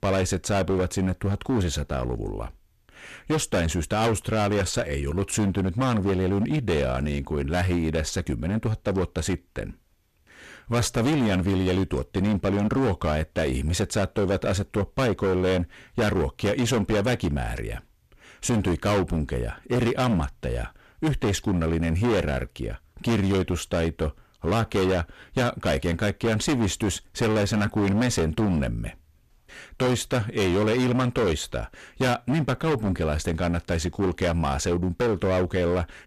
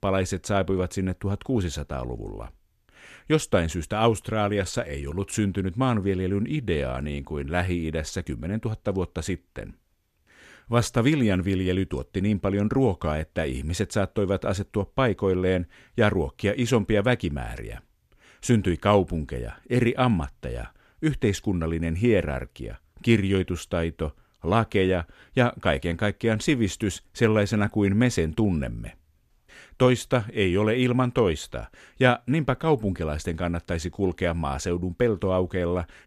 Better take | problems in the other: second | distortion; heavy; 18% of the sound clipped

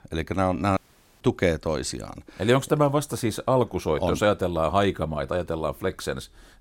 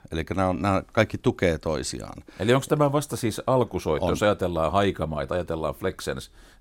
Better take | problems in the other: second | audio cutting out; at 1 s

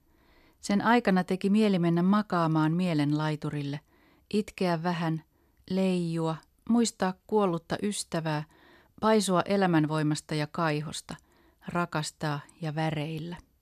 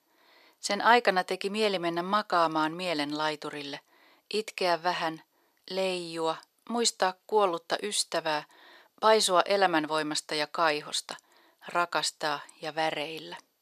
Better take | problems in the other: first | thin; very; fading below 550 Hz

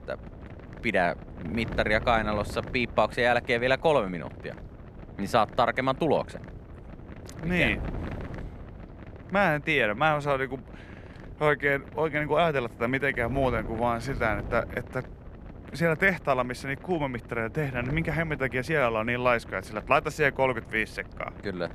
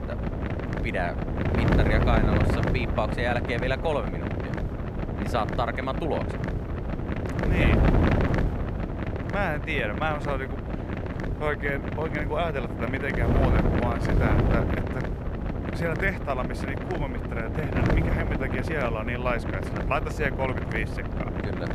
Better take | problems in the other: first | wind noise on the microphone; heavy; 3 dB below the speech; occasional gusts in the first

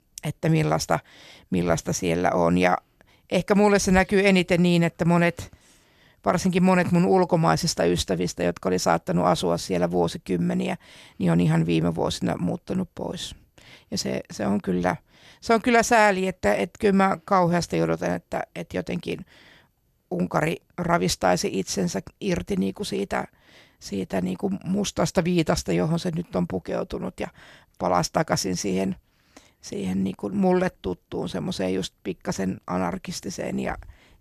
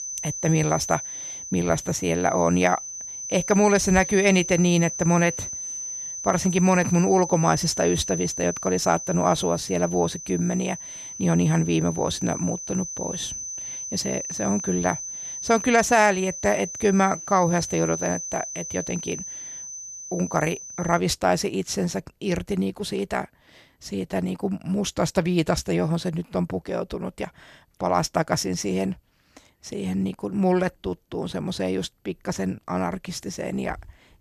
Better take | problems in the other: first | high-pitched whine; loud; until 21 s; 6 kHz, 7 dB below the speech

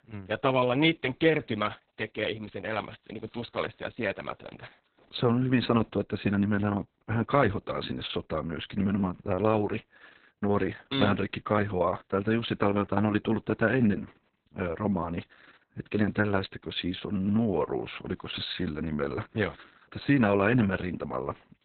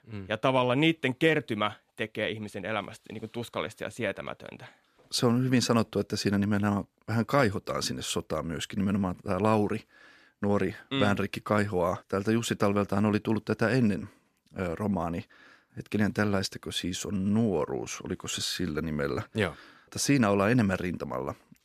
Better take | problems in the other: second | garbled, watery; badly; nothing above 4 kHz

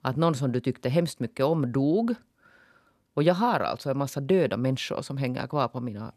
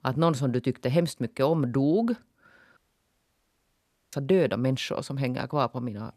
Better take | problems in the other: first | audio cutting out; at 3 s for 1.5 s

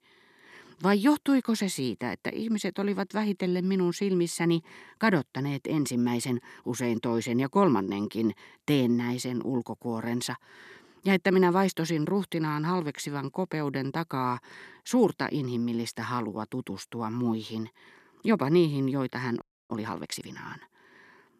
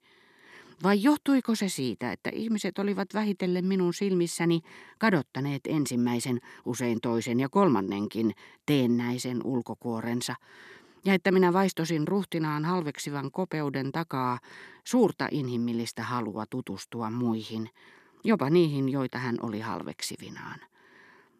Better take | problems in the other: second | audio freezing; at 19 s

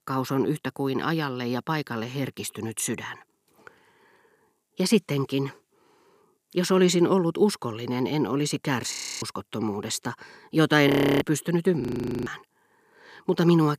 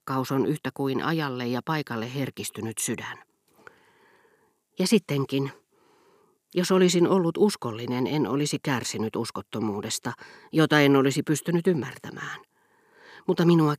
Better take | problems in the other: second | audio freezing; at 9 s, at 11 s and at 12 s

